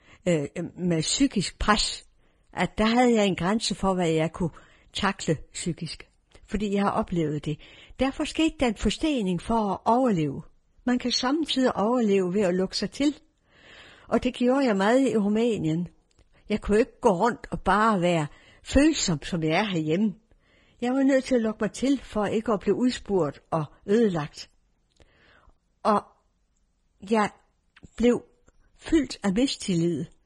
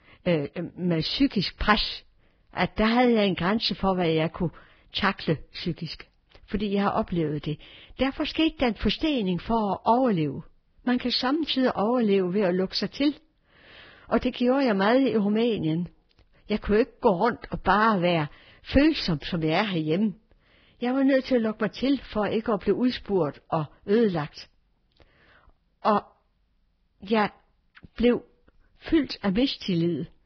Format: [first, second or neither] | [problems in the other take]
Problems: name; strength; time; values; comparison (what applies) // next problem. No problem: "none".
first | garbled, watery; badly; nothing above 5 kHz; slightly in the first